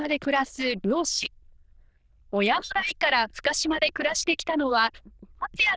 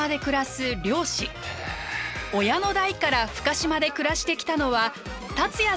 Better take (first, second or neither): second